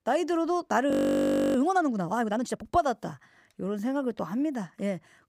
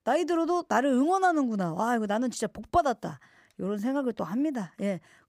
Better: second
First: audio freezing; at 1 s for 0.5 s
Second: none

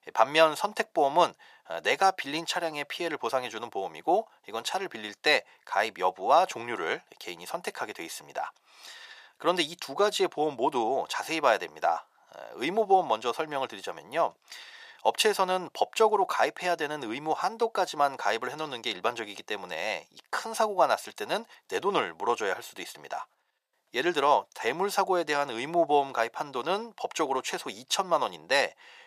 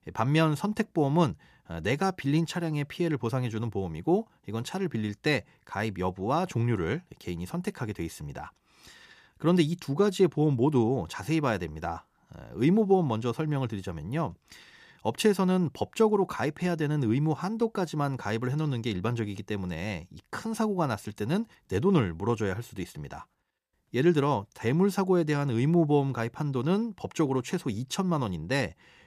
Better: second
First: thin; very; fading below 700 Hz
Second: none

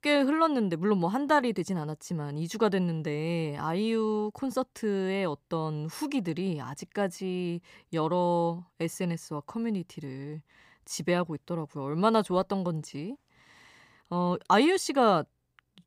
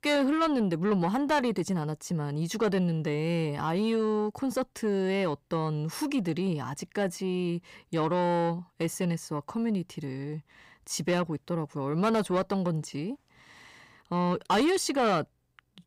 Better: first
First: none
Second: distortion; slight; 10 dB below the speech

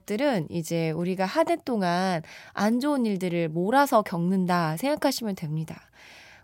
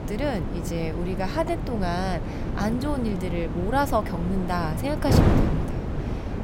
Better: first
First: none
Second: wind noise on the microphone; heavy; 5 dB below the speech

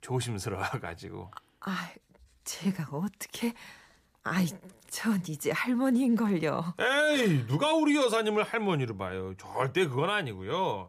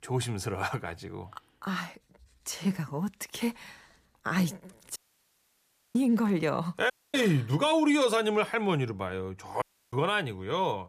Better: first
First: none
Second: audio cutting out; at 5 s for 1 s, at 7 s and at 9.5 s

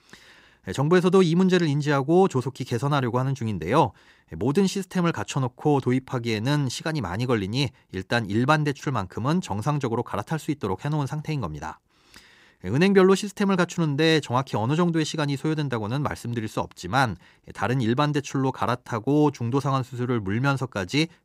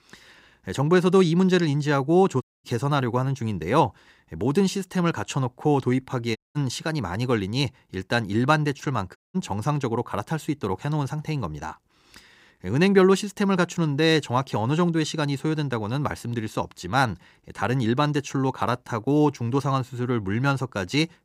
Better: first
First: none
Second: audio cutting out; at 2.5 s, at 6.5 s and at 9 s

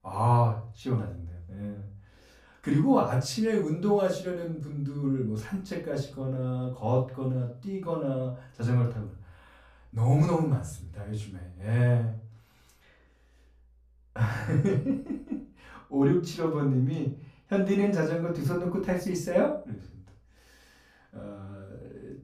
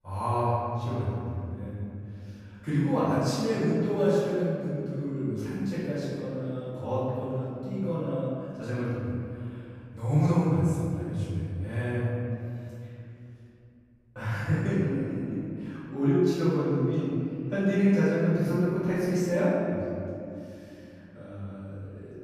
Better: first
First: room echo; slight; dies away in 0.3 s // off-mic speech; far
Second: room echo; strong; dies away in 2.7 s // off-mic speech; far

